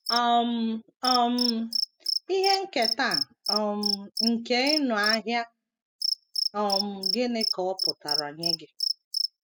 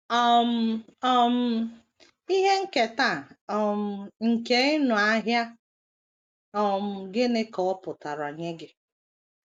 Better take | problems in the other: second | noise reduction (classical method spectral subtraction)

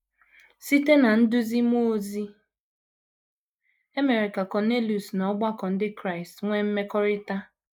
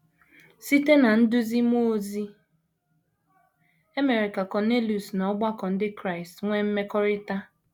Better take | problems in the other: second | noise reduction (neural mask model Resemble Enhance denoiser)

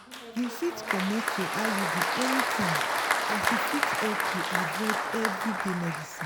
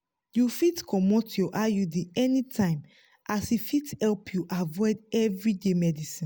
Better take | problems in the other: second | background sound (Applause); 4 dB above the speech

